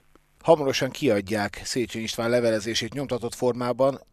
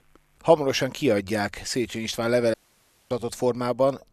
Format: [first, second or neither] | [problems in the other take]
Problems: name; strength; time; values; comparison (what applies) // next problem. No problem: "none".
first | audio cutting out; at 2.5 s for 0.5 s